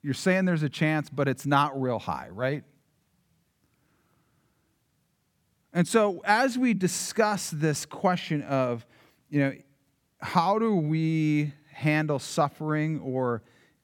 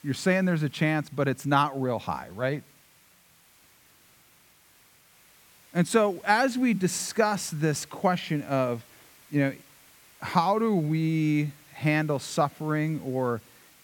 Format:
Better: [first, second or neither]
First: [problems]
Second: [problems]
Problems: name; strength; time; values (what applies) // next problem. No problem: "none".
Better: first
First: none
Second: hiss; faint; throughout; 25 dB below the speech